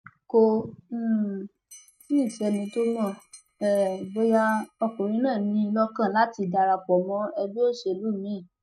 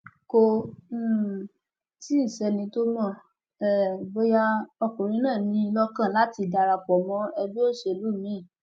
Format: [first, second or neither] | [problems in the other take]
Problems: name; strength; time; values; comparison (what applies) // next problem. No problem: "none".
second | noise reduction (neural mask model RNNoise)